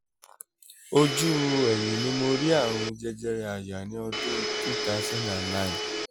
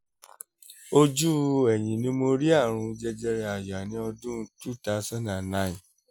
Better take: second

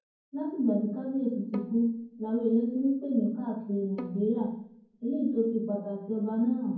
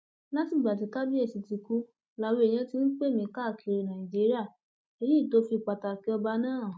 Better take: second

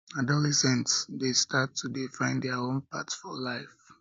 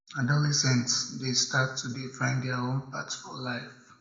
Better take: first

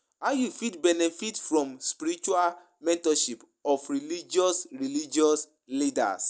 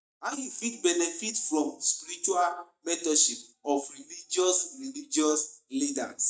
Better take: first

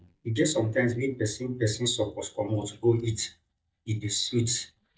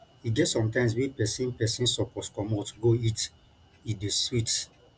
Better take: second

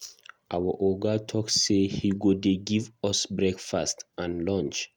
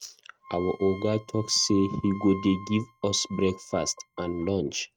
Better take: first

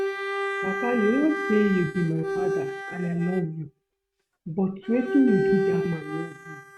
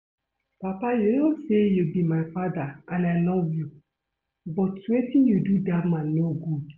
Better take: second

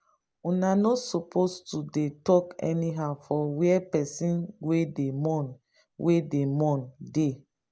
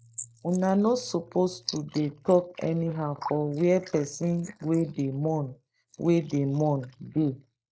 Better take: first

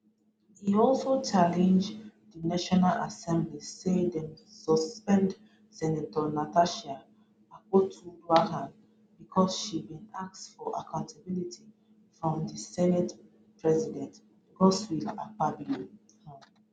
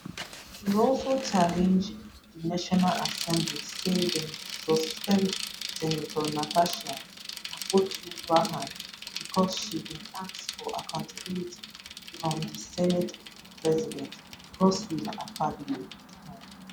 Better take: first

